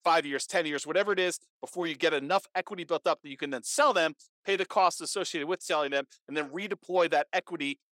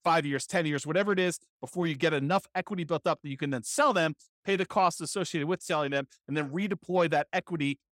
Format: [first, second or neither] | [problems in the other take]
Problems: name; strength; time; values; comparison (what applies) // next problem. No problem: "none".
second | thin; somewhat; fading below 400 Hz